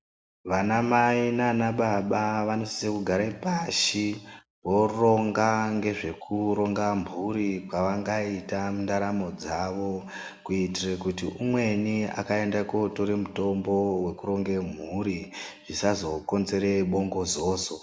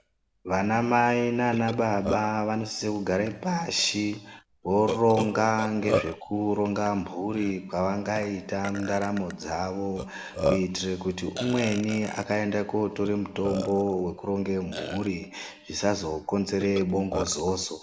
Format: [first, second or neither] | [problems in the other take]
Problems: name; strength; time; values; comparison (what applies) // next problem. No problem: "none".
first | background sound (Burping, eructation); 10 dB below the speech